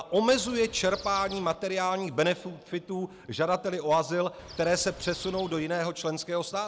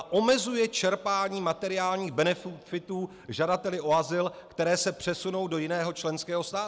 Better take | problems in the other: second | background sound (Chirp, tweet); 16 dB below the speech

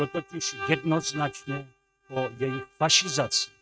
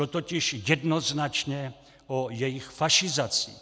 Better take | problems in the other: second | noise reduction (neural mask model RNNoise)

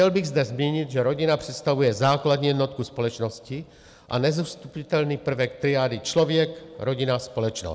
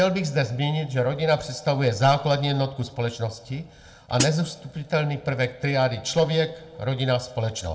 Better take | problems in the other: first | background sound (Hi-hat); 2 dB below the speech // room echo; dies away in 0.3 s

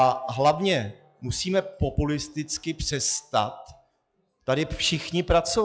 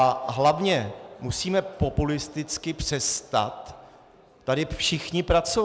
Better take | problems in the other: second | noise reduction (classical method log-MMSE)

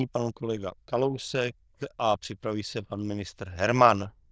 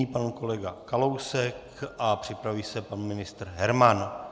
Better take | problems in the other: second | noise reduction (neural diffusion model UNIVERSE++)

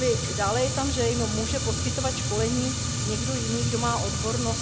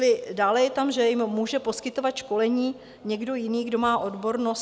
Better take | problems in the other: second | background sound (Fire); 1 dB above the speech

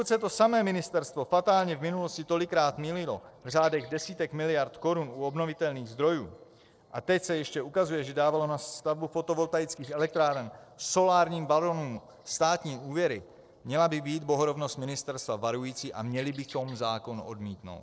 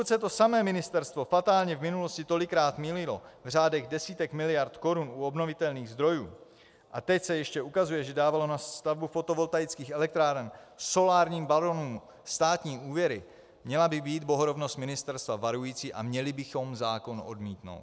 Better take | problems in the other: second | noise reduction (neural separator model SepFormer DNS4)

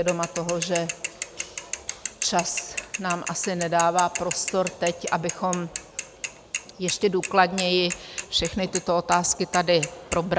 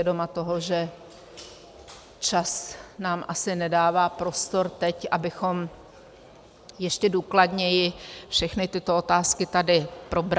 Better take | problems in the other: second | background sound (Mechanisms / Bicycle); 9 dB below the speech

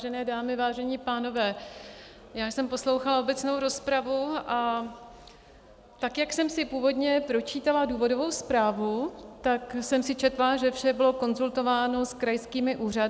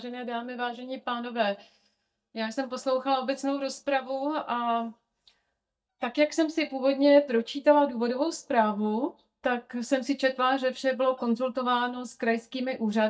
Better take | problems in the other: first | noise reduction (neural mask model DeepFilterNet 3)

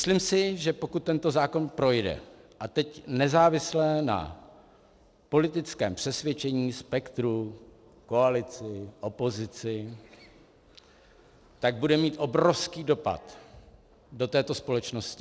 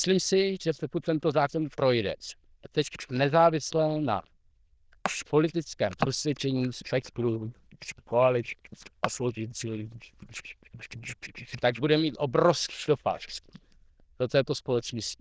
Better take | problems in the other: first | noise reduction (neural diffusion model UNIVERSE++)

